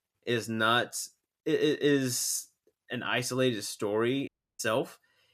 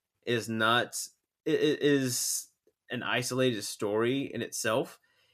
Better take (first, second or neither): second